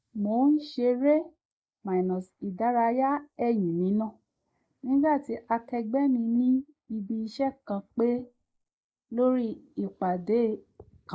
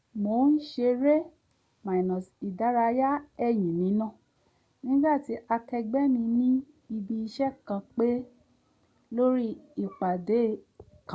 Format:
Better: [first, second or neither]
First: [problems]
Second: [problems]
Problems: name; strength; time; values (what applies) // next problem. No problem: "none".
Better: second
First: noise reduction (neural mask model Resemble Enhance denoiser)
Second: none